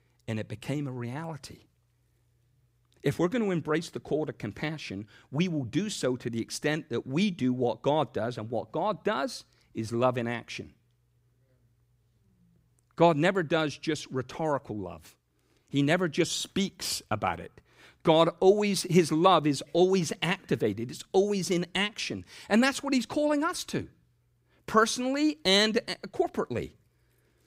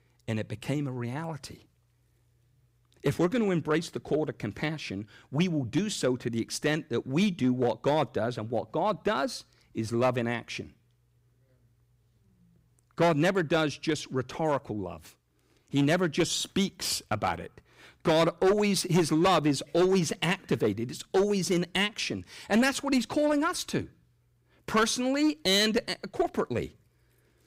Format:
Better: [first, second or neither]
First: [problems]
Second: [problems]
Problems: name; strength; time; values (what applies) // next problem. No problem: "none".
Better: first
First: none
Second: distortion; slight; 4% of the sound clipped